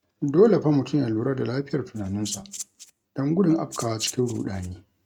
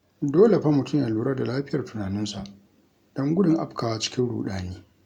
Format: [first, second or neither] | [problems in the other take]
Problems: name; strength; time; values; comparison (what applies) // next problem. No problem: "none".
second | noise reduction (neural mask model RNNoise)